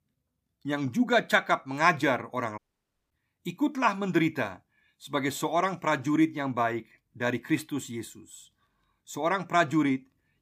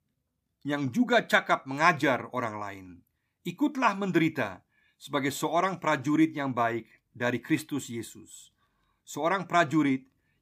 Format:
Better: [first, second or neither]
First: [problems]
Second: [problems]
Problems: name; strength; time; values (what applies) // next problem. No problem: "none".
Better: second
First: audio cutting out; at 2.5 s for 0.5 s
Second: none